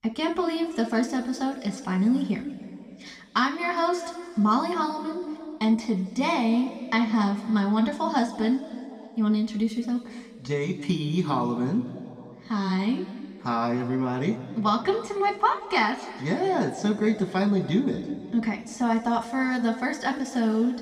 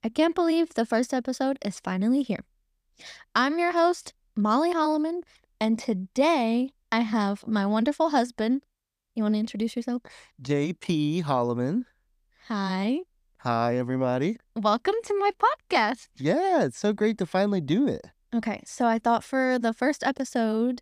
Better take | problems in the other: second | room echo; noticeable; dies away in 2.1 s // off-mic speech; somewhat distant

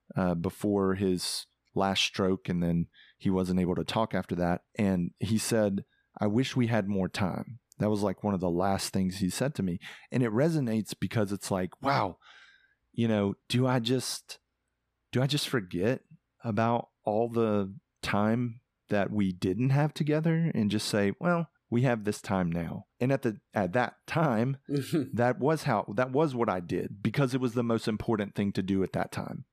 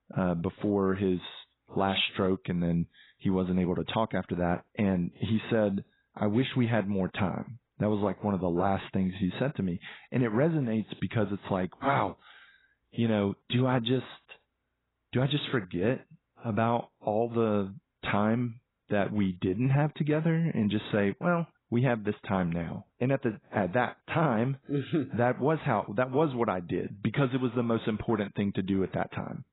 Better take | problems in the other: first | garbled, watery; badly; nothing above 4 kHz

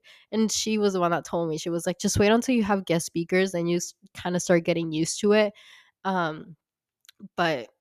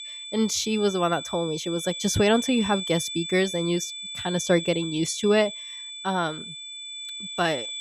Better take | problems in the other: first | high-pitched whine; loud; throughout; 3.5 kHz, 8 dB below the speech

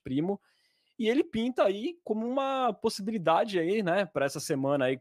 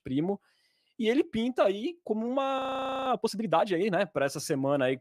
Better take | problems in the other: first | audio freezing; at 2.5 s

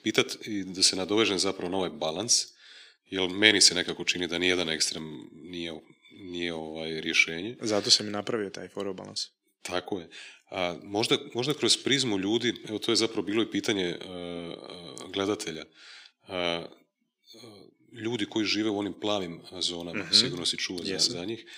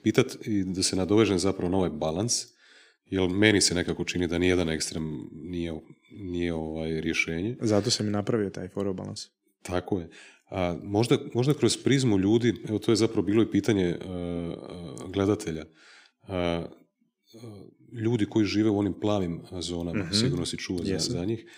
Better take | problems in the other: second | thin; very slightly; fading below 900 Hz

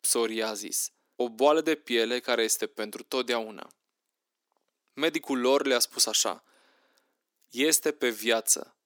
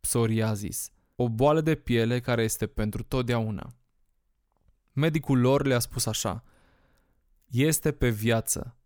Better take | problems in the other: second | thin; somewhat; fading below 300 Hz

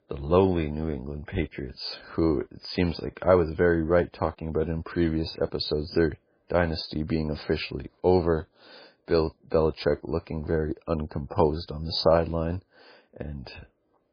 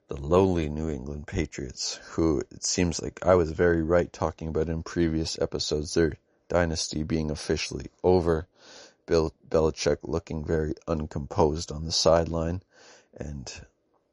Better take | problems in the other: second | garbled, watery; badly; nothing above 5 kHz; slightly in the second

